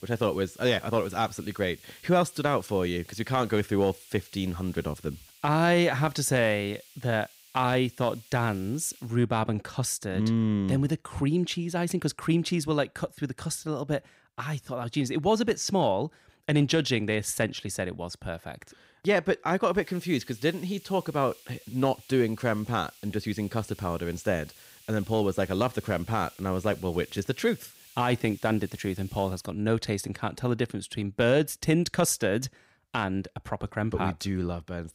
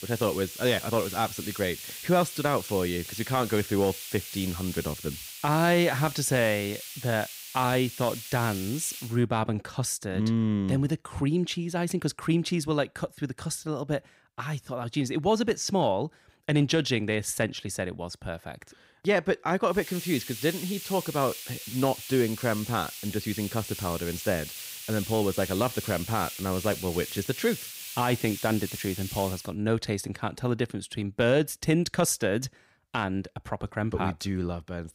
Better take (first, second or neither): first